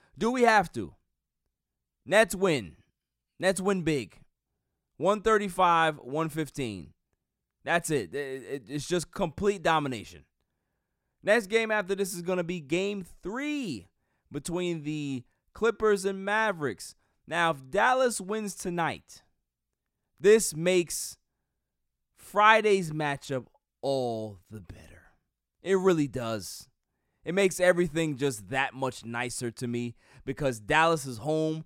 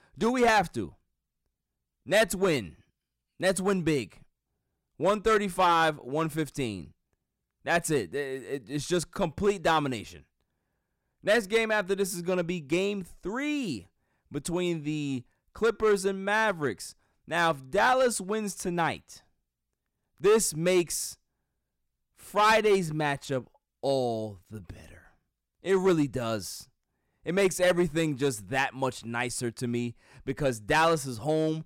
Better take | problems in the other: first | distortion; slight; 3% of the sound clipped

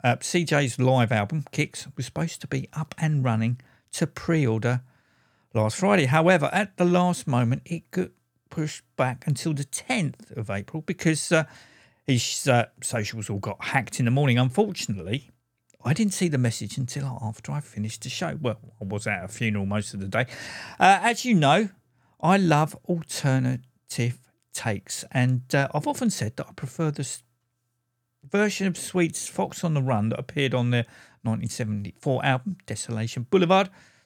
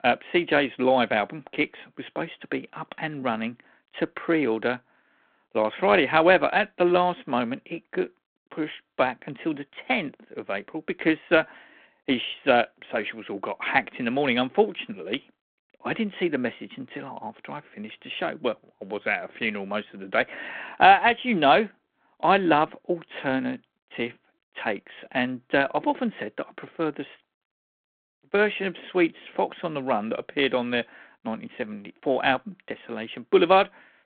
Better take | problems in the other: first | phone-call audio

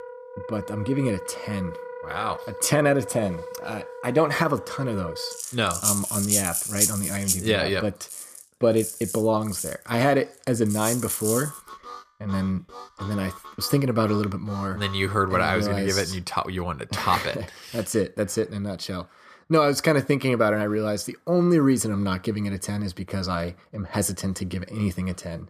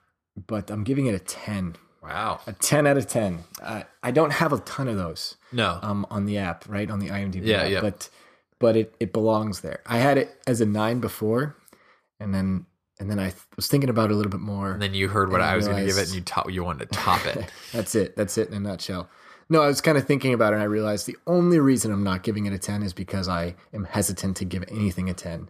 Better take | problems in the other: second | background music; loud; until 16 s; 4 dB below the speech

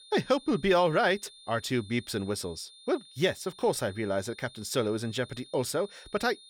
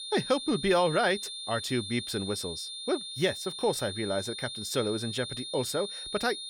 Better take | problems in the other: first | high-pitched whine; loud; throughout; 3.5 kHz, 6 dB below the speech; faint in the first

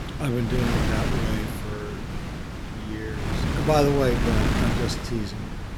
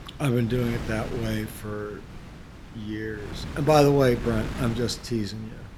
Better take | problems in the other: second | wind noise on the microphone; heavy; 3 dB below the speech; occasional gusts in the second

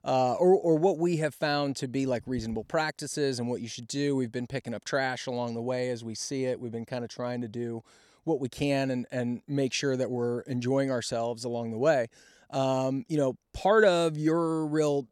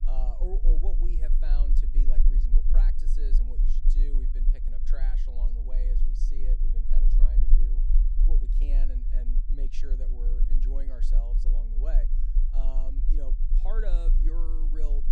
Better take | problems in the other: first | low rumble; loud; throughout; 6 dB below the speech

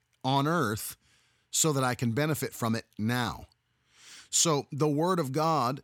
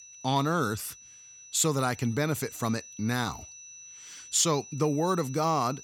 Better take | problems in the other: first | high-pitched whine; noticeable; throughout; 6 kHz, 15 dB below the speech

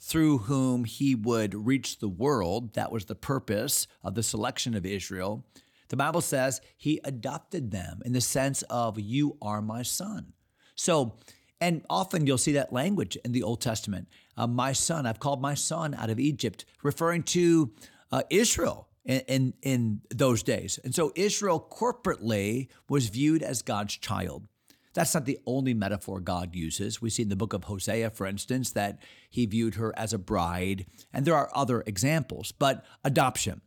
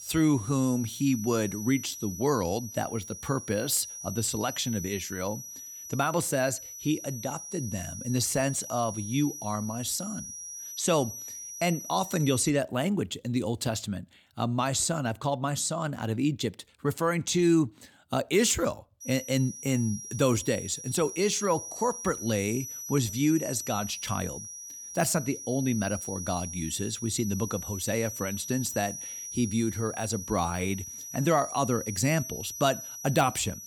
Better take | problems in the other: first | high-pitched whine; loud; until 12 s and from 19 s on; 6 kHz, 9 dB below the speech

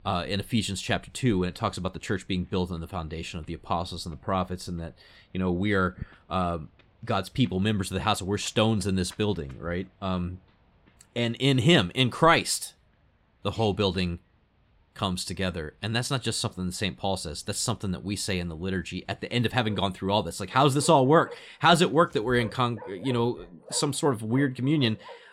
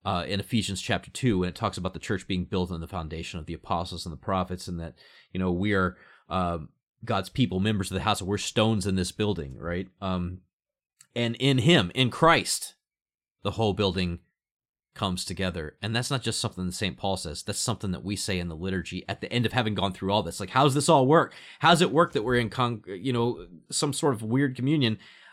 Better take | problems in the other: second | animal sounds; faint; throughout; 25 dB below the speech

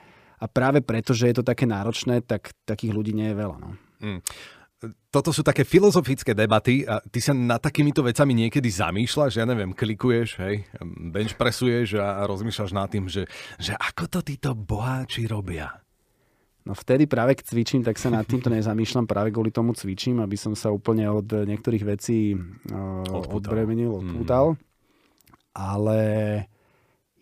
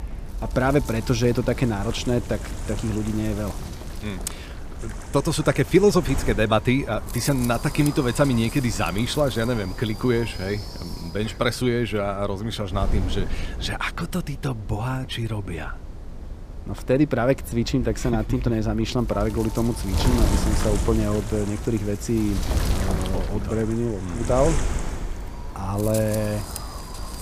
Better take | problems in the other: first | wind noise on the microphone; occasional gusts; 10 dB below the speech

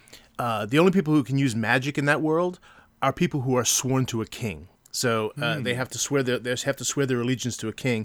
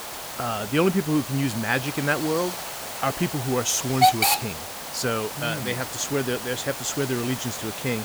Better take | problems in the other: first | hiss; loud; throughout; 2 dB below the speech

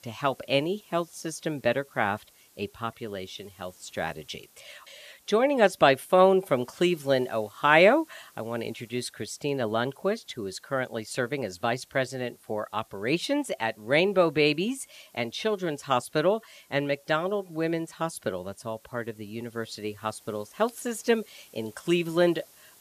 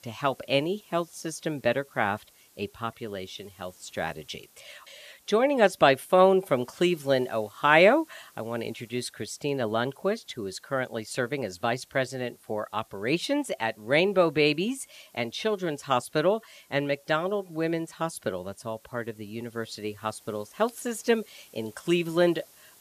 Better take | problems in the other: neither | hiss; faint; throughout; 30 dB below the speech; the same in both

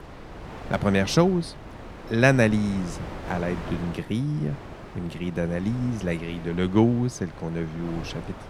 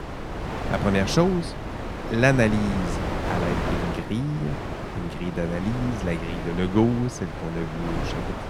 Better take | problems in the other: first | wind noise on the microphone; heavy; 4 dB below the speech; occasional gusts in the first

